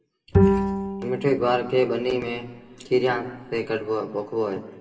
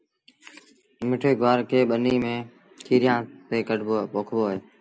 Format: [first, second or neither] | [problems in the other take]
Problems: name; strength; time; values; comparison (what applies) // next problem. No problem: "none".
second | background sound (Bowed string instrument); 1 dB below the speech // room echo; dies away in 1.4 s